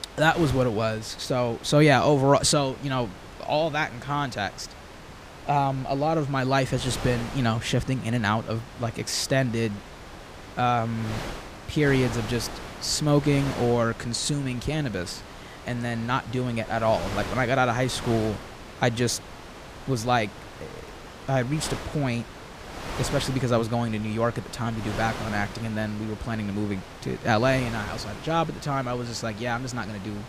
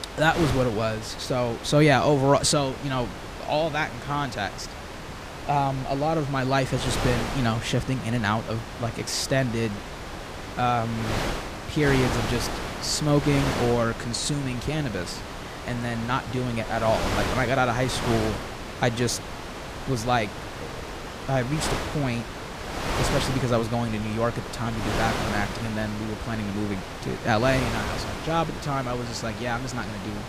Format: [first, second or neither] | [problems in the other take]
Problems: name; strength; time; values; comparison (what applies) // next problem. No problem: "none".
first | wind noise on the microphone; heavy; 6 dB below the speech; occasional gusts in the first